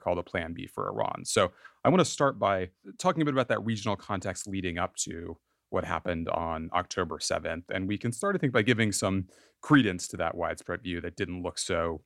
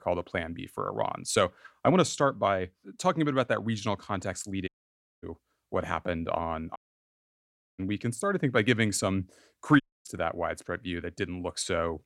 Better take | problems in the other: first | audio cutting out; at 4.5 s for 0.5 s, at 7 s for 1 s and at 10 s

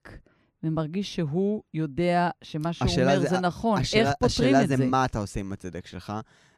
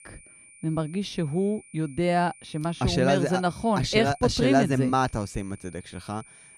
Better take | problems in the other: first | high-pitched whine; faint; throughout; 9.5 kHz, 25 dB below the speech

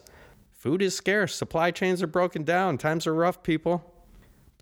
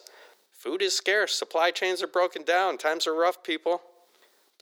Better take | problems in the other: first | thin; very; fading below 400 Hz

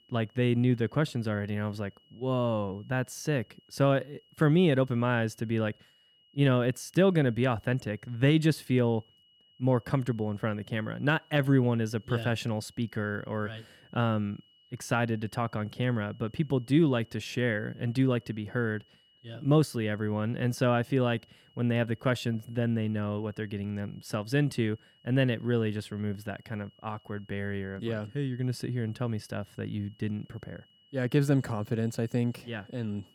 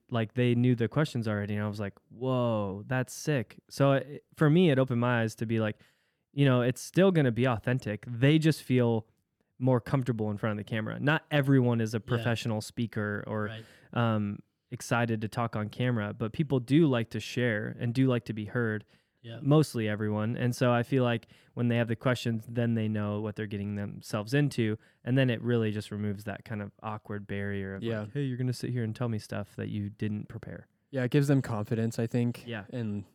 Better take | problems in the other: second | high-pitched whine; faint; throughout; 3 kHz, 30 dB below the speech

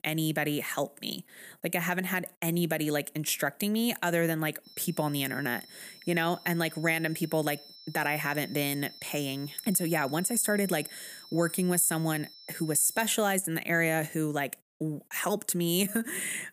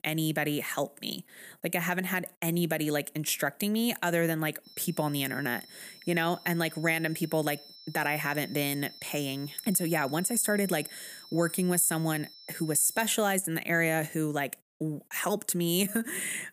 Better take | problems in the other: neither | high-pitched whine; noticeable; from 4.5 to 13 s; 5.5 kHz, 20 dB below the speech; the same in both

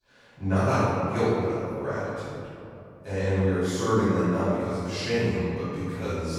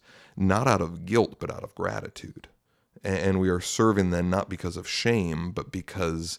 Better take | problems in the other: second | room echo; strong; dies away in 2.6 s // off-mic speech; far

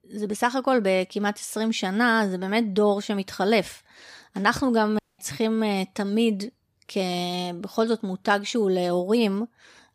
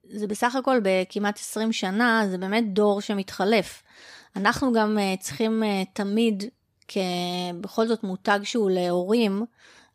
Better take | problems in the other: second | audio cutting out; at 5 s

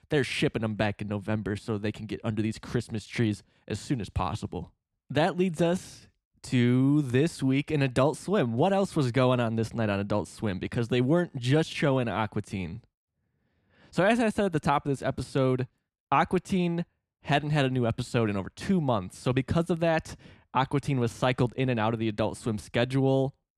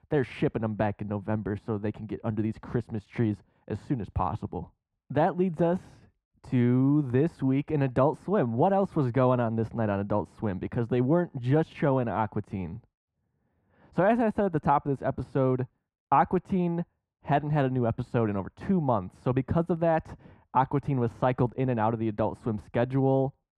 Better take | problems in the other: first | muffled; very; fading above 2.5 kHz

